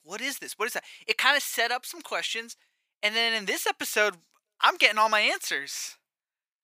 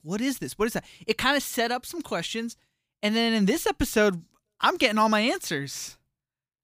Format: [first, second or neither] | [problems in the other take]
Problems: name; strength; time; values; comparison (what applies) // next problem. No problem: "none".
second | thin; very; fading below 650 Hz